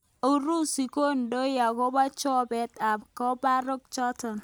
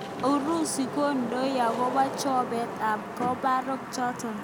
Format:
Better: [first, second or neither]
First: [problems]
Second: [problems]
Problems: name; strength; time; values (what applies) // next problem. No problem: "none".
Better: first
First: none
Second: background sound (Wind / Rain); 7 dB below the speech